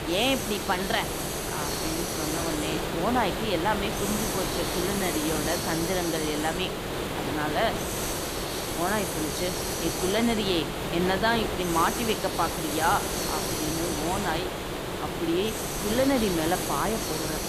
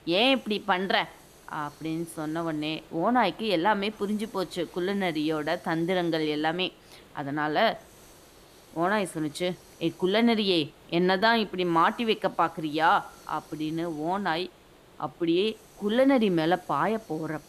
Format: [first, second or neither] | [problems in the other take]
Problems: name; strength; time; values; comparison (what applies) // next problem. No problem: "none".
second | hiss; loud; throughout; 1 dB below the speech; faint in the second